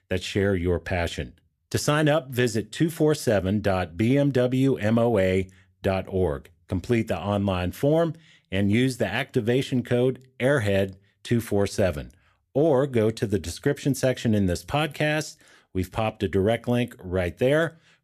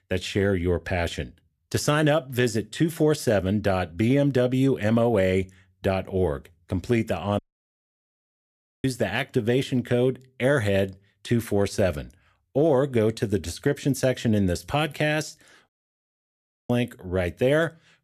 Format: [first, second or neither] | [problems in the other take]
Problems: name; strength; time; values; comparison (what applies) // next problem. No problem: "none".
first | audio cutting out; at 7.5 s for 1.5 s and at 16 s for 1 s